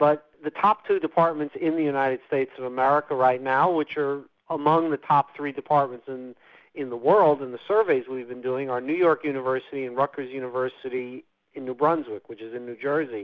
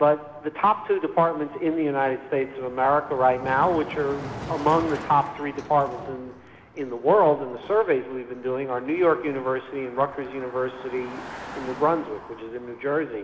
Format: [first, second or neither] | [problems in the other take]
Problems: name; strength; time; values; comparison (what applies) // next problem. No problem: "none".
first | background sound (Car passing by); 16 dB below the speech // room echo; dies away in 1.3 s